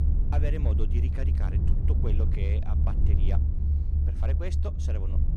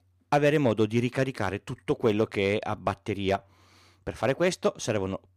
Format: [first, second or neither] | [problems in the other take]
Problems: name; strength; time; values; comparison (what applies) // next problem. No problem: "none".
second | low rumble; loud; throughout; 2 dB below the speech